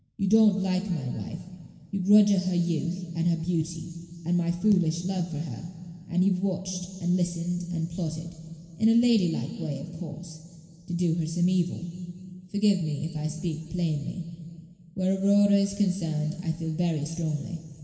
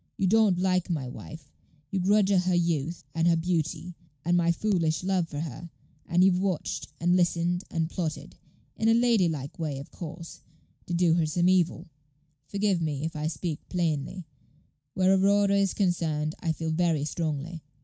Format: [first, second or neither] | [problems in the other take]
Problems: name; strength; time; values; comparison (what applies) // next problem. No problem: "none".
second | room echo; dies away in 2.4 s